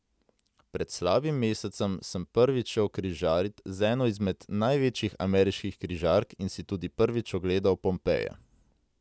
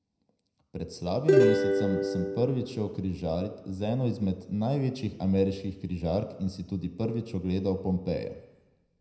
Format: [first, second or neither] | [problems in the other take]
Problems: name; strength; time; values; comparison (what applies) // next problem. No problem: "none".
first | background sound (Plucked string instrument); 5 dB above the speech // room echo; dies away in 0.7 s